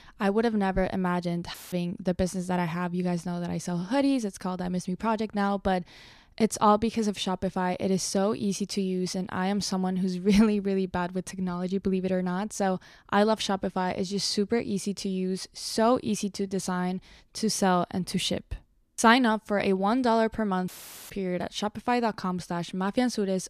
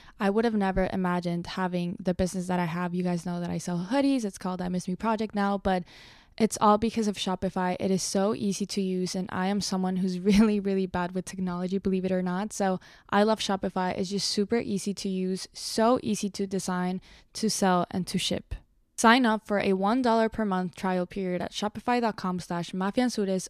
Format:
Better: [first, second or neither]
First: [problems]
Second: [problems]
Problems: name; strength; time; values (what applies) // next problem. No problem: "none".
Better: second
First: audio cutting out; filled with static; at 1.5 s and at 21 s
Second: none